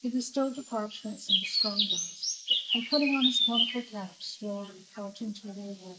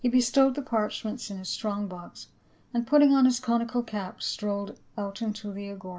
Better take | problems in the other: second | noise reduction (neural mask model Resemble Enhance denoiser)

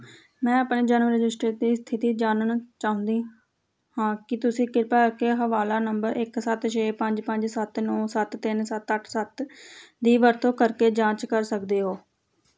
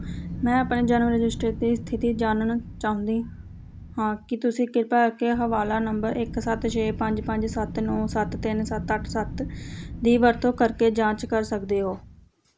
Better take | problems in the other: first | background sound (Wind); 11 dB below the speech

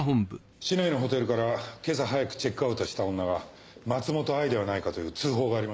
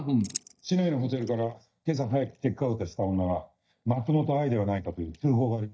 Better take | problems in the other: first | noise reduction (neural mask model DeepFilterNet 3)

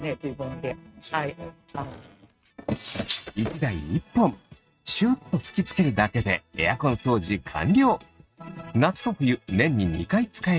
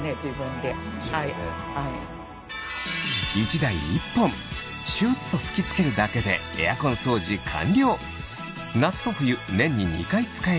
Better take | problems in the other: second | noise reduction (neural mask model RNNoise)

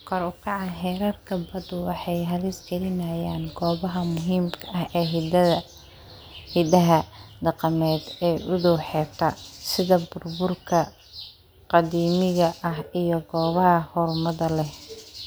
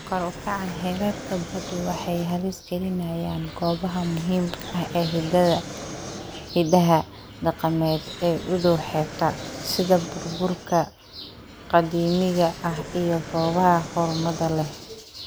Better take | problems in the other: first | background sound (Fixed-wing aircraft, airplane); 13 dB below the speech

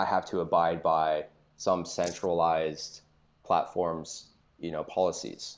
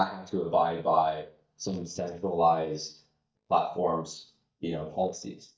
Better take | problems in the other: first | noise reduction (neural mask model DeepFilterNet 3)

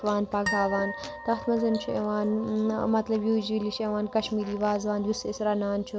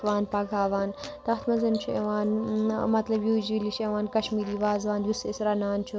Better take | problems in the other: second | background sound (Harp); 9 dB below the speech

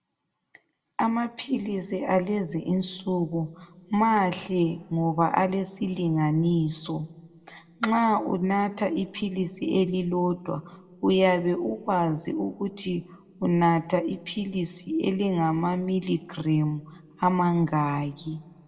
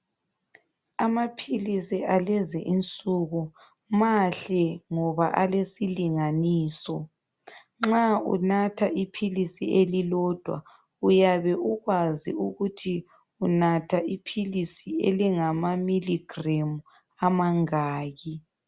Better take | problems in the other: second | room echo; dies away in 1.5 s

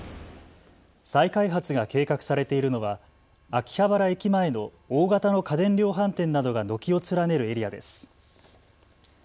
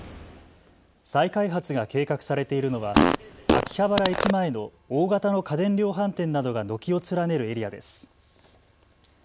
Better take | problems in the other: first | background sound (Fart); 3 dB above the speech

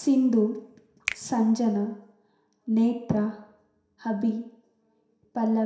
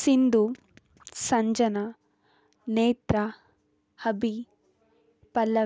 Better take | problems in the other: second | background sound (Finger snapping); 14 dB below the speech // room echo; dies away in 0.7 s

